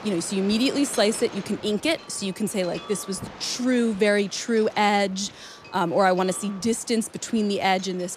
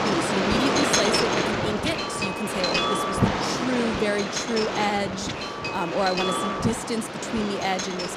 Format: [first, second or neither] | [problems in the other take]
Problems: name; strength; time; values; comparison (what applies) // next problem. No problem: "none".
first | wind noise on the microphone; heavy; 4 dB above the speech; occasional gusts in the first